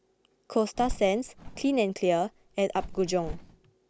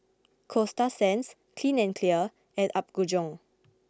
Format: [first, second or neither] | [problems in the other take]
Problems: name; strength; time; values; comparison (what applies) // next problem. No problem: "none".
second | background sound (Bird); 11 dB below the speech